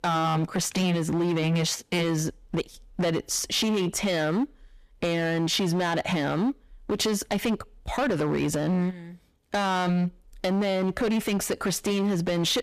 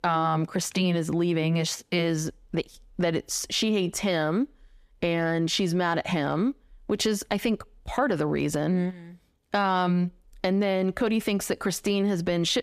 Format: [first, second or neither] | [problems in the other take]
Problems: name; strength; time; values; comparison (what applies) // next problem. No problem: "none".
second | distortion; slight; 18% of the sound clipped